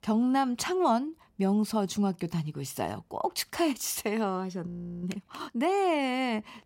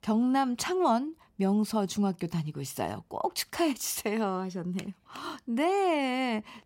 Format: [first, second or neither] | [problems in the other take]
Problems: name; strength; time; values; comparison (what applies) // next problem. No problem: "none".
second | audio freezing; at 4.5 s